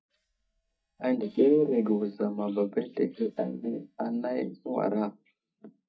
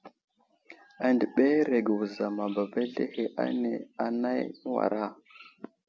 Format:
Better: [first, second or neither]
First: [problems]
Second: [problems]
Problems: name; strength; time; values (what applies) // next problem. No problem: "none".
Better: second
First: noise reduction (neural mask model DeepFilterNet 3)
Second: none